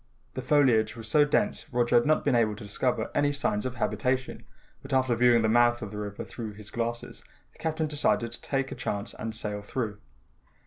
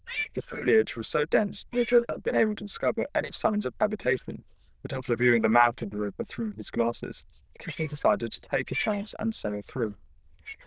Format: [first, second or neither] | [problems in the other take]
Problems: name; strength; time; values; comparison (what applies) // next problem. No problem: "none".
first | noise reduction (neural diffusion model UNIVERSE++)